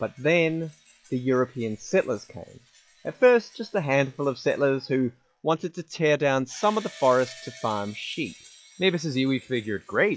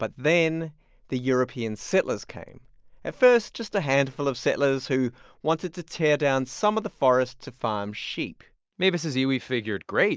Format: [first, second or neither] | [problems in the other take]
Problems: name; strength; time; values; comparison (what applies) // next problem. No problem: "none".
second | noise reduction (classical method log-MMSE)